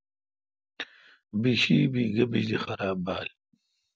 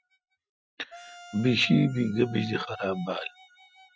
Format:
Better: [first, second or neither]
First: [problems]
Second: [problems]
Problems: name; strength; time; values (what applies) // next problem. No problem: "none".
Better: first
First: none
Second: noise reduction (classical method Wiener filter)